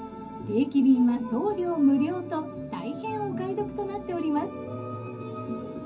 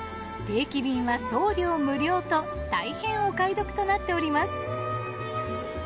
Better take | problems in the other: second | room echo; dies away in 0.3 s

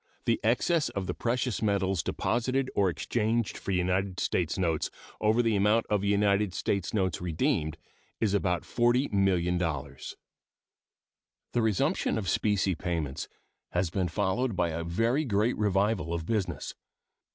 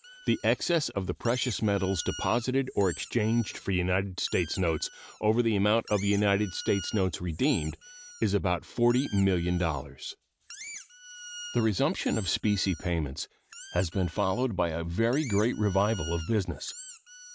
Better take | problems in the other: first | background sound (Squeak); 17 dB below the speech

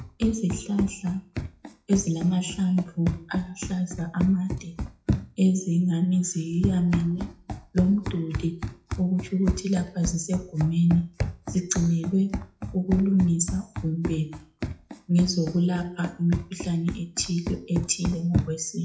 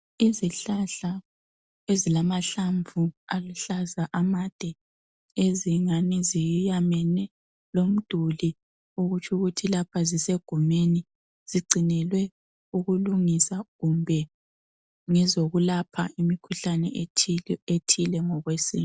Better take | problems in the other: second | noise reduction (classical method WPE with log-MMSE)

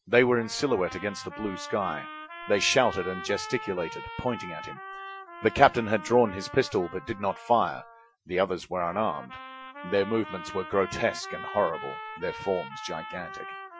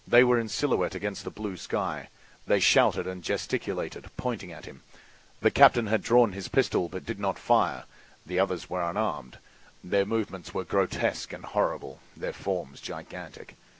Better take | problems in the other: second | noise reduction (classical method Wiener filter)

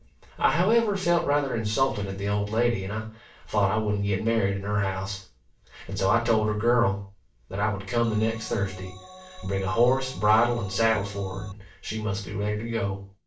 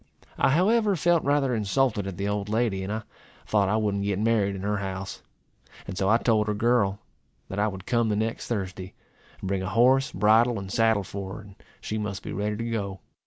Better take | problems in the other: second | background sound (Organ); 19 dB below the speech // room echo; dies away in 0.3 s

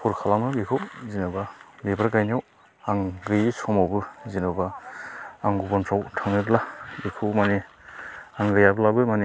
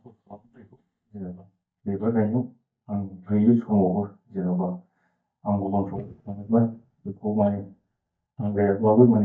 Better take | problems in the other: first | noise reduction (neural mask model DeepFilterNet 3)

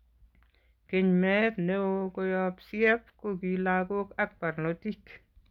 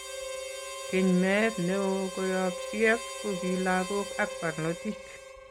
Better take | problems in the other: first | background sound (Harmonica); 9 dB below the speech

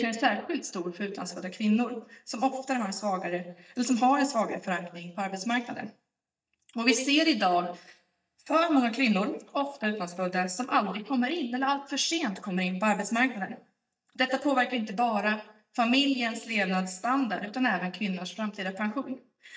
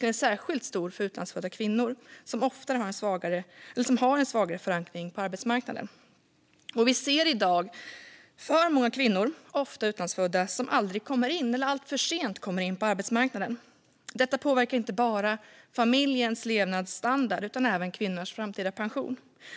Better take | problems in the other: second | noise reduction (neural mask model DeepFilterNet 3)

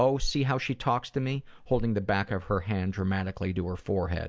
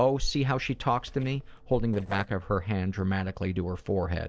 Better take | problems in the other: first | noise reduction (neural separator model SepFormer DNS4)

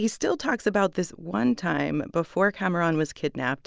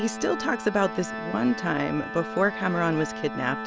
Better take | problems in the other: first | background sound (Organ); 8 dB below the speech

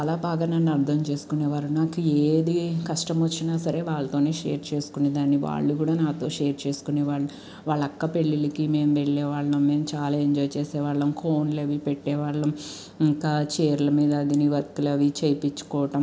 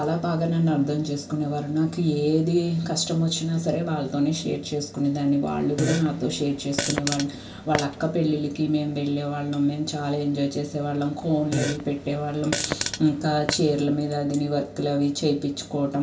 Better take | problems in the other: first | background sound (Fart); 7 dB below the speech // room echo; dies away in 0.2 s

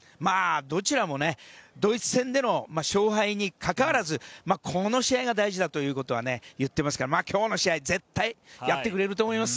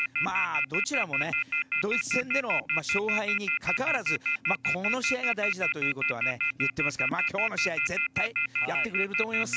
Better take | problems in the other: first | background sound (Telephone); 5 dB above the speech

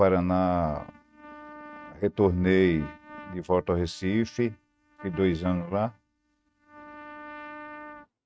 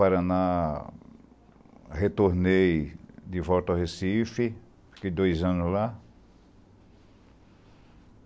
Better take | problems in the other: second | noise reduction (neural mask model RNNoise)

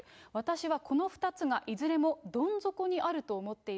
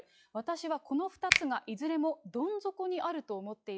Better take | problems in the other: first | noise reduction (classical method log-MMSE)

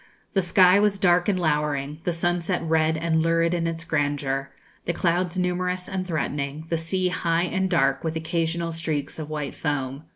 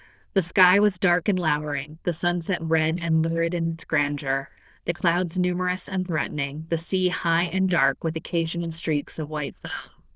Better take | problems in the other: first | noise reduction (neural diffusion model UNIVERSE++)

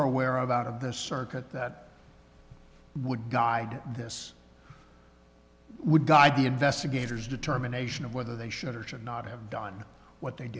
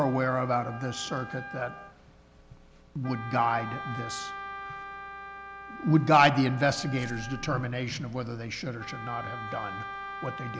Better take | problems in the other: first | background sound (Wind instrument, woodwind instrument); 12 dB below the speech

